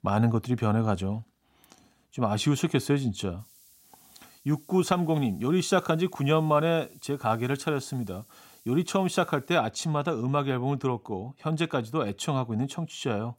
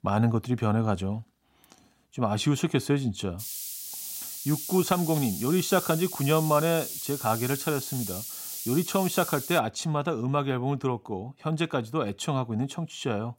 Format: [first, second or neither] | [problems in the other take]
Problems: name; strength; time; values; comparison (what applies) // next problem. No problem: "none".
first | hiss; loud; from 3.5 to 9.5 s; 6 dB below the speech; faint in the first